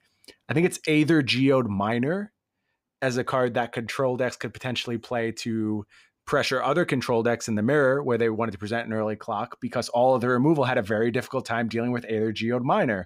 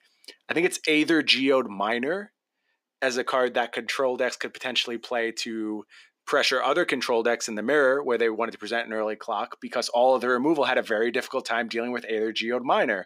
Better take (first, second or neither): first